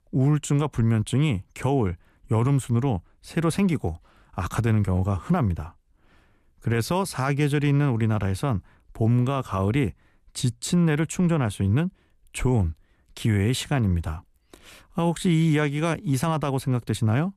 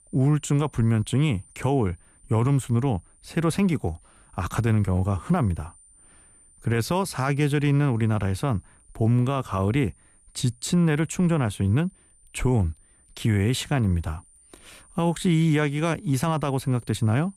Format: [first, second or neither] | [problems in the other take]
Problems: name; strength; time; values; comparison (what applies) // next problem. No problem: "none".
first | high-pitched whine; faint; throughout; 9 kHz, 30 dB below the speech